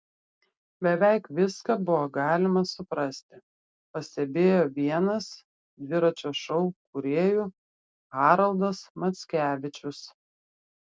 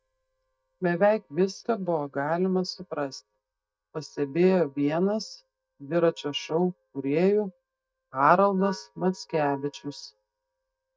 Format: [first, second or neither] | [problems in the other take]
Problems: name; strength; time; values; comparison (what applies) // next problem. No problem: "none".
first | noise reduction (neural mask model DeepFilterNet 3)